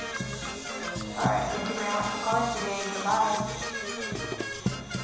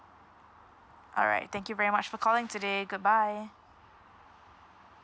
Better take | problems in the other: second | background sound (Brass instrument / Percussion); 2 dB below the speech // room echo; dies away in 1 s

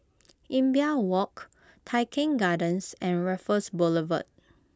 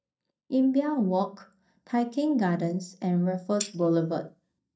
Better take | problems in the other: first | noise reduction (neural mask model DeepFilterNet 3)

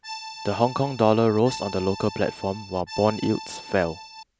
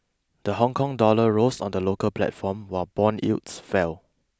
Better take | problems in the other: second | background sound (Accordion); 14 dB below the speech

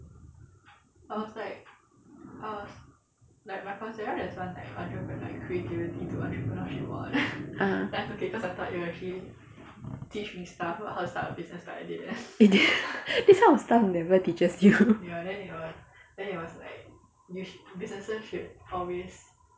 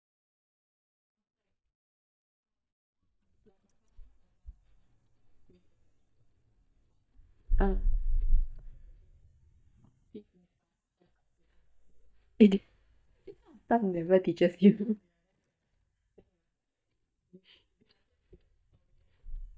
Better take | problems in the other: first | noise reduction (neural mask model DeepFilterNet 3)

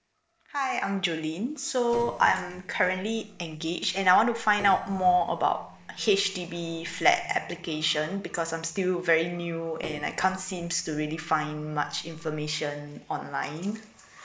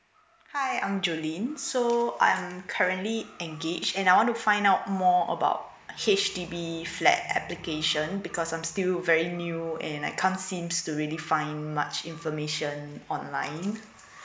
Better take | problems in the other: second | noise reduction (neural separator model SepFormer DNS4)

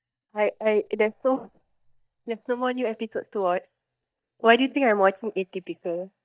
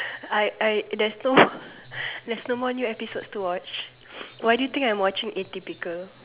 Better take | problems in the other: second | noise reduction (neural mask model DeepFilterNet 3)

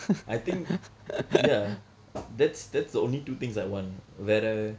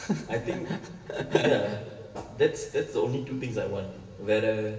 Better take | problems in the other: first | room echo; dies away in 1.4 s

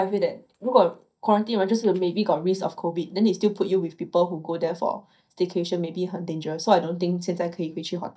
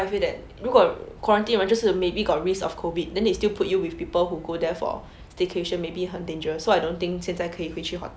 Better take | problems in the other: second | noise reduction (neural mask model DeepFilterNet 3)

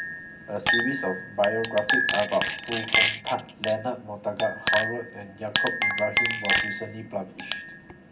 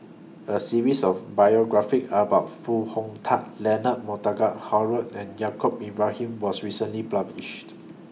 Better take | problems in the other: second | background sound (Chink, clink); 2 dB above the speech // room echo; dies away in 0.4 s

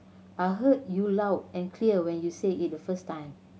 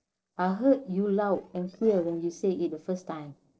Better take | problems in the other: first | noise reduction (neural separator model SepFormer DNS4)

